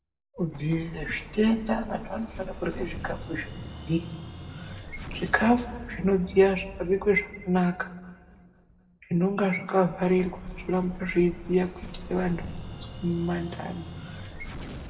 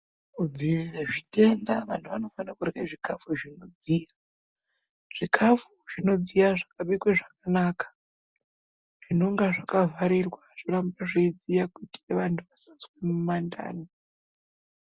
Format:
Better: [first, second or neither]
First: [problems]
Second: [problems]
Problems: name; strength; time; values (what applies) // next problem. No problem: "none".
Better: second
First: background sound (Explosion); 12 dB below the speech // room echo; dies away in 1.1 s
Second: none